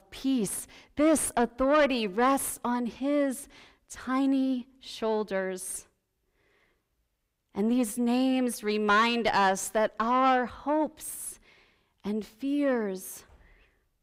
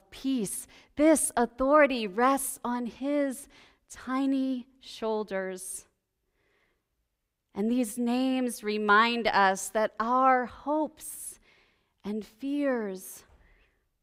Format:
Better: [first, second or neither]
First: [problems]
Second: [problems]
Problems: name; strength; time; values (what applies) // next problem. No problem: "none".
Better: second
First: distortion; slight; 10 dB below the speech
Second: none